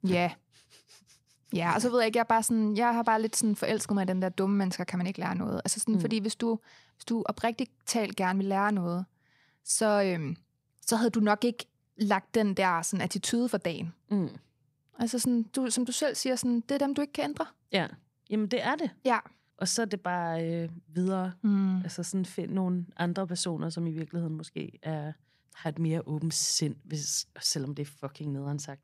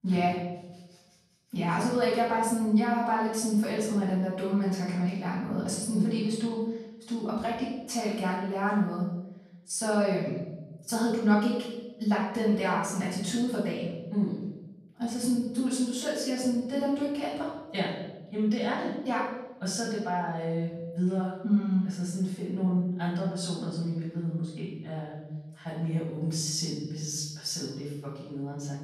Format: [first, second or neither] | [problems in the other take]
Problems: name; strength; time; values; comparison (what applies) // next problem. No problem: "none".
first | off-mic speech; far // room echo; noticeable; dies away in 1 s